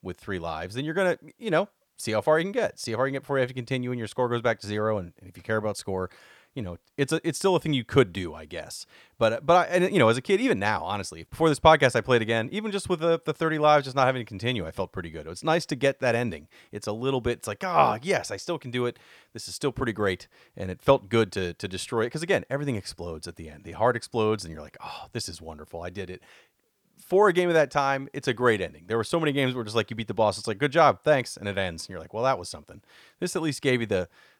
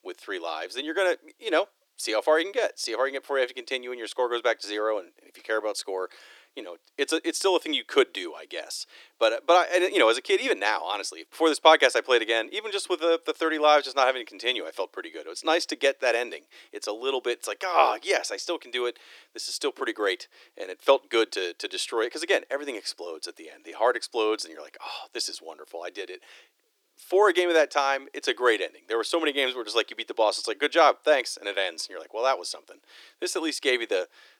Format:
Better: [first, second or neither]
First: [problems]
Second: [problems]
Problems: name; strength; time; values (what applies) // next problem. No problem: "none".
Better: first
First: none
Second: thin; very; fading below 300 Hz